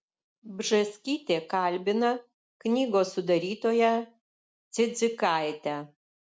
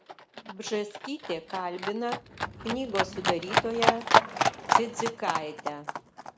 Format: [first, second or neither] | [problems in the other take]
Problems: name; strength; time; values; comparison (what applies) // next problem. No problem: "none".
first | background sound (Livestock, farm animals, working animals); 5 dB above the speech